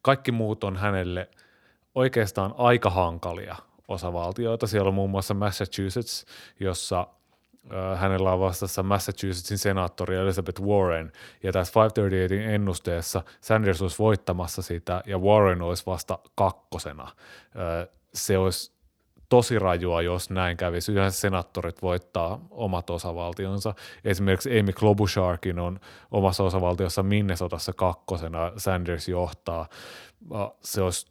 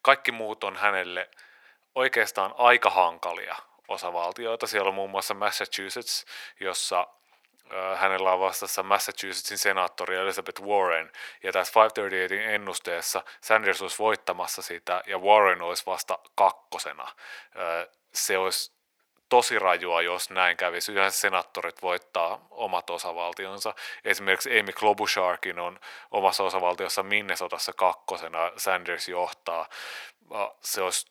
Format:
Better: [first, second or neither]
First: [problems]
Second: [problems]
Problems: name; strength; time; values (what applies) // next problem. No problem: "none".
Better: first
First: none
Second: thin; very; fading below 650 Hz